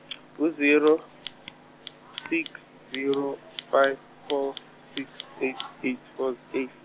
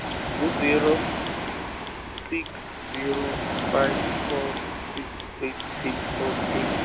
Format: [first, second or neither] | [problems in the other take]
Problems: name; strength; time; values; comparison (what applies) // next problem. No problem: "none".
first | background sound (Ocean); 1 dB above the speech